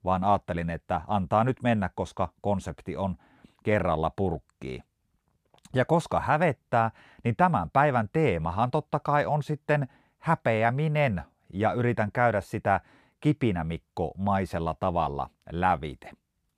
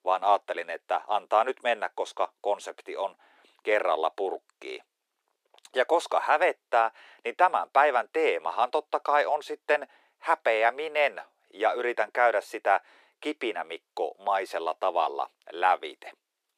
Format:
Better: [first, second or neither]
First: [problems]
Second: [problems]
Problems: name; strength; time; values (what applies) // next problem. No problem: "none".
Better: first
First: none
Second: thin; very; fading below 350 Hz